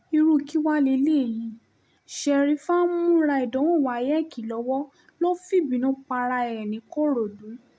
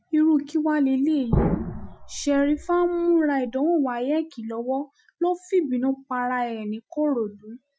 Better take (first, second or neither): first